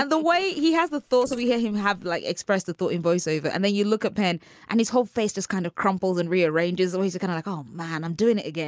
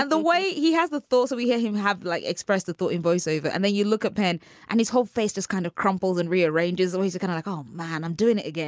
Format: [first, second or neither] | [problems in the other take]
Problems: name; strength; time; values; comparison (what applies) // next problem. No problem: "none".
second | noise reduction (neural mask model Resemble Enhance denoiser)